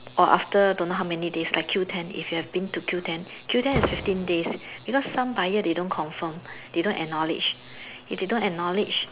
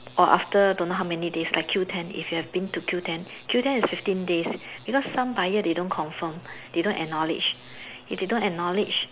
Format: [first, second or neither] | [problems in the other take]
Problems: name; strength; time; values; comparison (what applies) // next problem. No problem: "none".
second | background sound (Slam); 16 dB below the speech